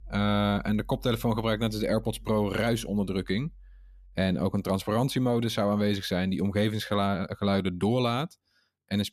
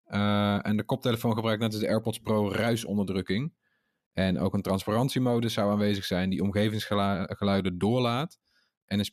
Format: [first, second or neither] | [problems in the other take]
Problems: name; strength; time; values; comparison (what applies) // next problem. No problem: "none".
second | background music; faint; throughout; 20 dB below the speech